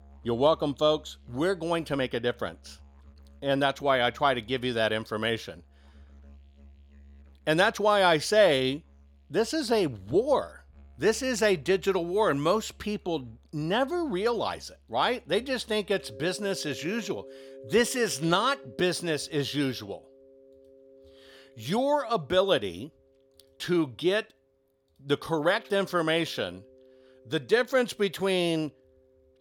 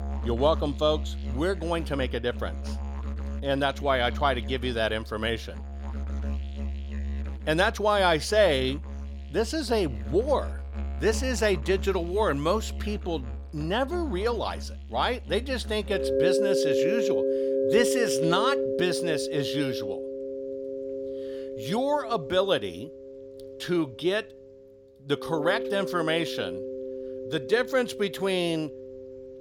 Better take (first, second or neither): first